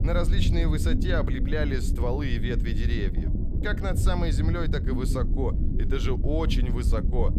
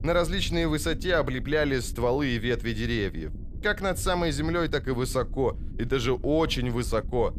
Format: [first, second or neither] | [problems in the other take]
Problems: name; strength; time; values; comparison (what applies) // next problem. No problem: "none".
second | low rumble; loud; throughout; 7 dB below the speech; faint in the second